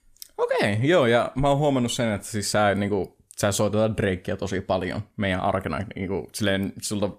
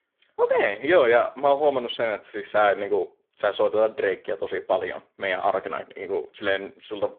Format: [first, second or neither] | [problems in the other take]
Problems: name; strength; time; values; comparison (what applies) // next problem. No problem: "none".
first | phone-call audio; poor line